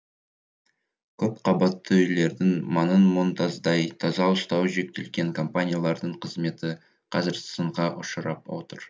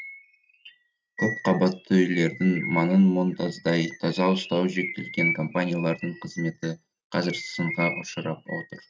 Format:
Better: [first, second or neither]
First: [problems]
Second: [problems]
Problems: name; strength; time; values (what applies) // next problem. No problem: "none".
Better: first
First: none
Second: noise reduction (neural mask model RNNoise)